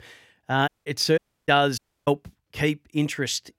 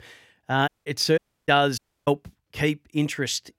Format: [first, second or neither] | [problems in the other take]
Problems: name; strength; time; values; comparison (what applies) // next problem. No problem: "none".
neither | audio cutting out; at 0.5 s, at 1 s and at 2 s; the same in both